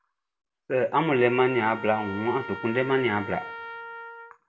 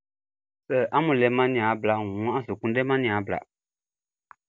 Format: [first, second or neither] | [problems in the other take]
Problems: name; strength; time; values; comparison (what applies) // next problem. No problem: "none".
second | background sound (Trumpet); 13 dB below the speech // room echo; dies away in 0.5 s